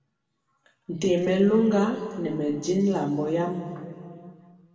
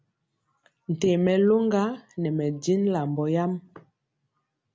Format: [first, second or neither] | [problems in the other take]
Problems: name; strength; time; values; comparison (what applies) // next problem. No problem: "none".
second | room echo; dies away in 2.1 s